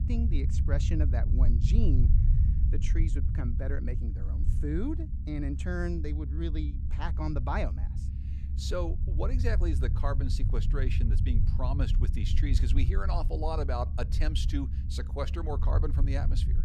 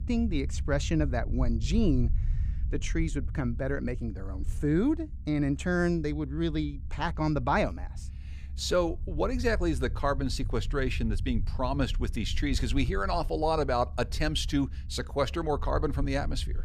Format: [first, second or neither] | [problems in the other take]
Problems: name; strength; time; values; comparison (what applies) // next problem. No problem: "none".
second | low rumble; loud; throughout; 8 dB below the speech; faint in the second